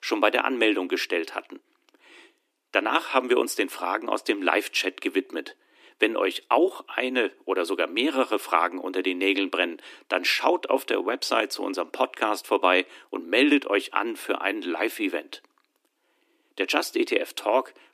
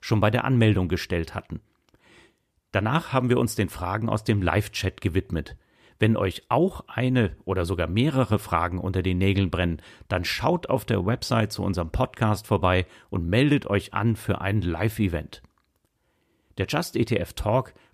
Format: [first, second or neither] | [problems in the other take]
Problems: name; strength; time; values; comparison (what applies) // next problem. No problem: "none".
second | thin; somewhat; fading below 300 Hz